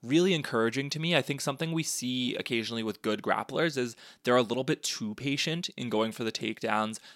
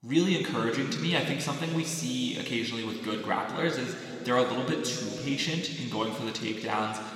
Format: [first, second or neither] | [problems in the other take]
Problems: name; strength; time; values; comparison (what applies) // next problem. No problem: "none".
first | room echo; noticeable; dies away in 2.6 s // off-mic speech; somewhat distant